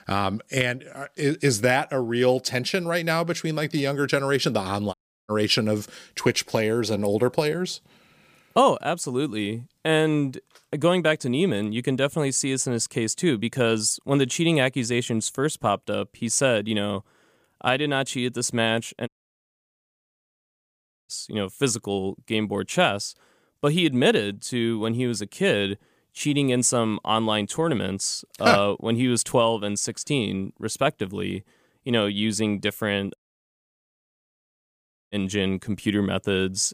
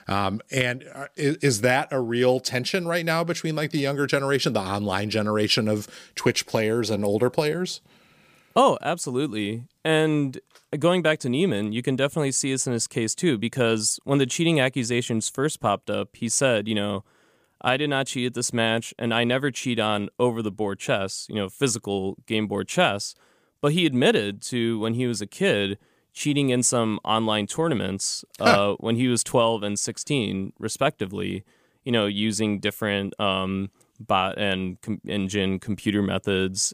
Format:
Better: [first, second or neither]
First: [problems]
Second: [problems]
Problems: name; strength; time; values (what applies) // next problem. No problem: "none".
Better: second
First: audio cutting out; at 5 s, at 19 s for 2 s and at 33 s for 2 s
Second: none